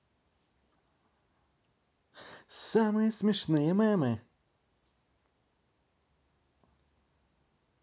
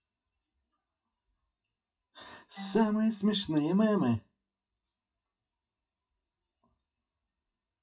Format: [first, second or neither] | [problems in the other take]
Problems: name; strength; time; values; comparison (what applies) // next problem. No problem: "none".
first | noise reduction (classical method WPE with log-MMSE)